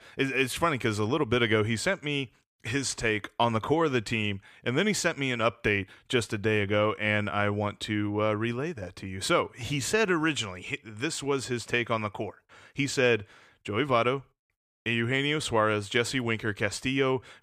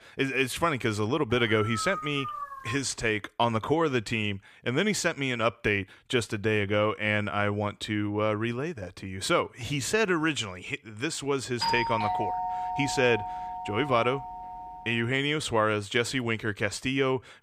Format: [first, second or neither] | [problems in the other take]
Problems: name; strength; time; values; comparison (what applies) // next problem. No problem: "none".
first | dog barking; noticeable; from 1.5 to 3 s; peak 6 dB below the speech // doorbell; noticeable; from 12 to 15 s; peak level with the speech